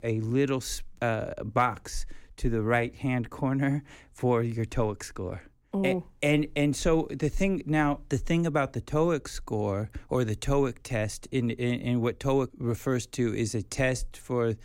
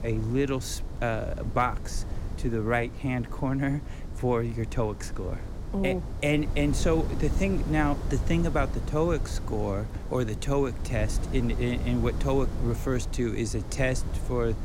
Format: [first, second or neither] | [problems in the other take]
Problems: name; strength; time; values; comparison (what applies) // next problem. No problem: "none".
first | wind noise on the microphone; occasional gusts; 15 dB below the speech